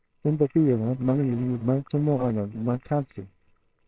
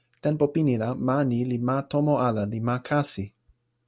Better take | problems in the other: second | noise reduction (neural separator model SepFormer WHAMR!)

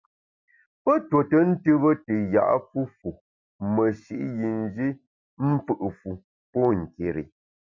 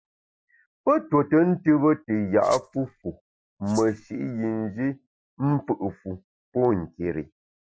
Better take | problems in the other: first | noise reduction (neural mask model Resemble Enhance denoiser)

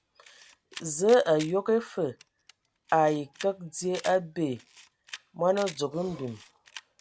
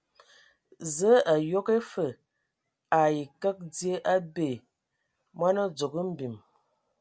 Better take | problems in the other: second | background sound (Burping, eructation + Camera); 19 dB below the speech

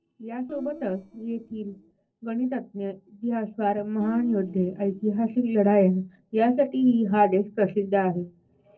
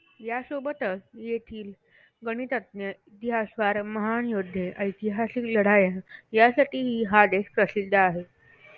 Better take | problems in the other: second | noise reduction (neural separator model SepFormer DNS4)

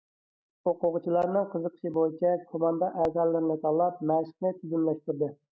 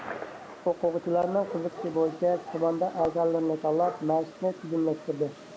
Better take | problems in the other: first | background sound (Gunshot, gunfire); 15 dB below the speech

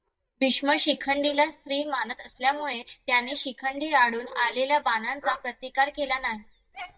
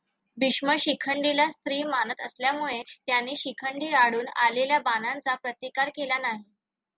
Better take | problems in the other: second | noise reduction (neural mask model DeepFilterNet 3)

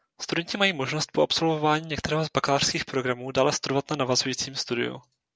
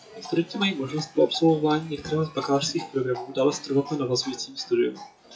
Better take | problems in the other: first | noise reduction (classical method WPE with log-MMSE)

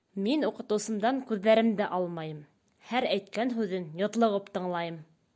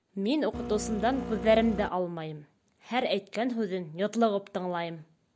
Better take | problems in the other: first | background sound (Printer); 7 dB below the speech

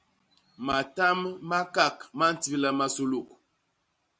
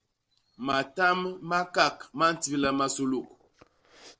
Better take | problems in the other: first | noise reduction (neural separator model SepFormer DNS4)

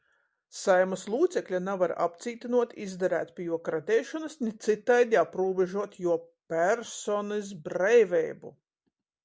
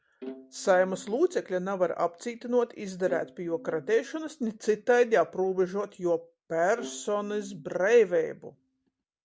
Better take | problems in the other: first | background sound (Bowed string instrument); 20 dB below the speech

